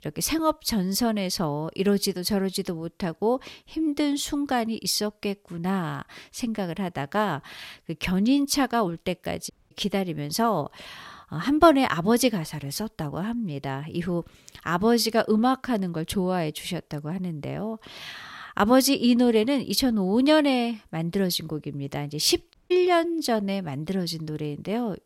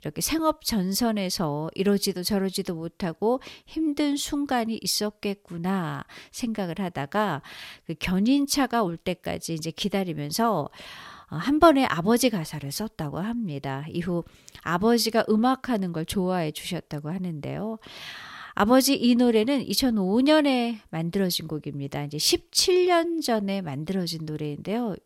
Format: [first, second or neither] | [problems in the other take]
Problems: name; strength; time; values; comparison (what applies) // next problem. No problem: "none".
second | audio cutting out; at 9.5 s and at 23 s